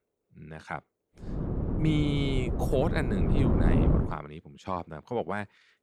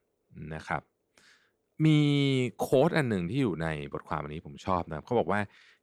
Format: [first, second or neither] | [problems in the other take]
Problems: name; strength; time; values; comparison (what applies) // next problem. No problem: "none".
second | wind noise on the microphone; heavy; from 1.5 to 4 s; 2 dB below the speech